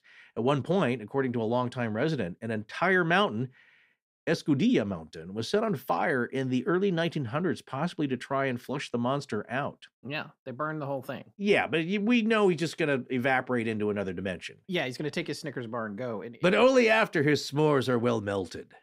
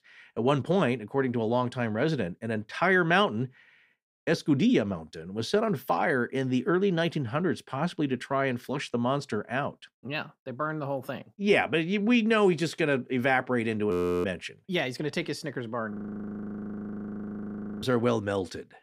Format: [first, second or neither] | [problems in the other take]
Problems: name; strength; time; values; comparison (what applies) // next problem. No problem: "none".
first | audio freezing; at 14 s and at 16 s for 2 s